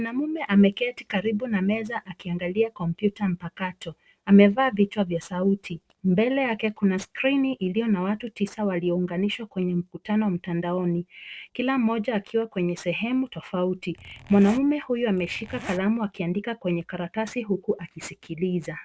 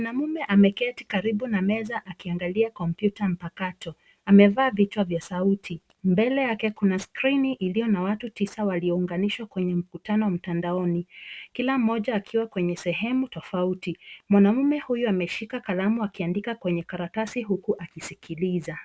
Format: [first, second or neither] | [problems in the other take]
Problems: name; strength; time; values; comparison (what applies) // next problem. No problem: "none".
second | noise reduction (neural separator model SepFormer DNS4)